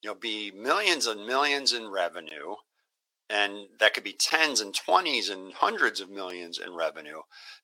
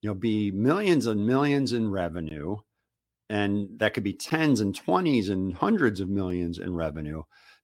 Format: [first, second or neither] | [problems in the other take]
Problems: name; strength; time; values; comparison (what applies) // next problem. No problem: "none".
second | thin; very; fading below 550 Hz